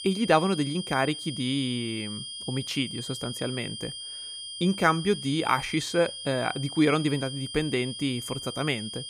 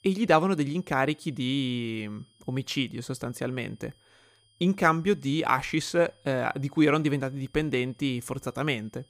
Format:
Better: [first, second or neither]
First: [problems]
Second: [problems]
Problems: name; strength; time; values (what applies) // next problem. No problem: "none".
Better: second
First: high-pitched whine; loud; throughout; 3 kHz, 8 dB below the speech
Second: high-pitched whine; faint; throughout; 3 kHz, 35 dB below the speech